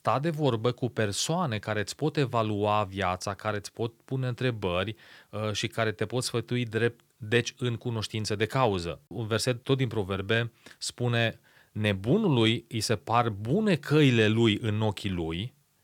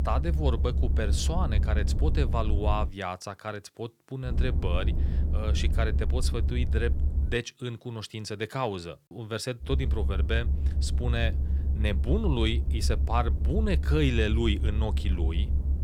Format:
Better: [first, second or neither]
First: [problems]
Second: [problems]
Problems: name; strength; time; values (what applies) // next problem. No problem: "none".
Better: first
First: none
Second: low rumble; noticeable; until 3 s, from 4.5 to 7.5 s and from 9.5 s on; 10 dB below the speech